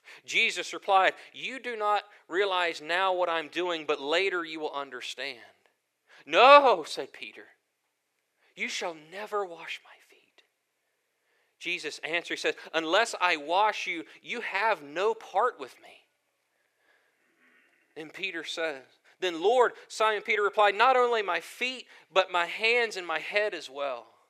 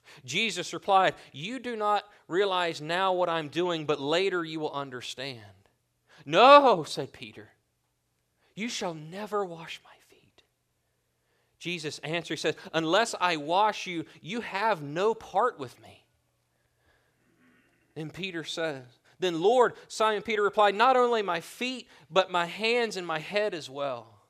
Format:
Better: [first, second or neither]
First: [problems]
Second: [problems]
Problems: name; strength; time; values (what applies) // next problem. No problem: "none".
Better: second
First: thin; somewhat; fading below 400 Hz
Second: none